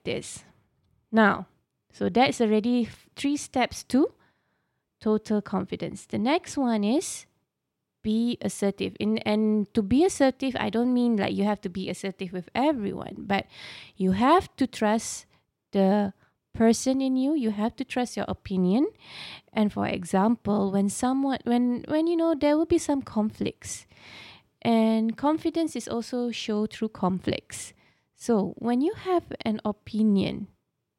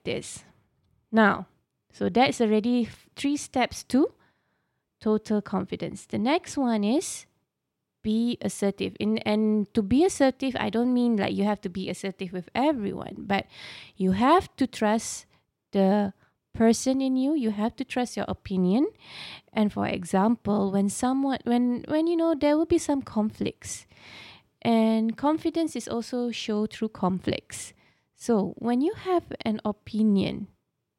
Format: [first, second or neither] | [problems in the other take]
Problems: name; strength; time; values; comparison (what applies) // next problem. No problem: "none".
neither | none